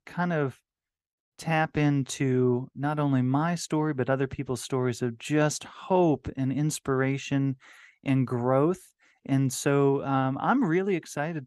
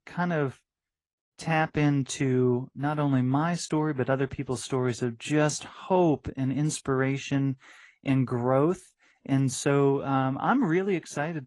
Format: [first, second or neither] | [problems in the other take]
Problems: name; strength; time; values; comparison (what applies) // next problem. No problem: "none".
first | garbled, watery; slightly; nothing above 10.5 kHz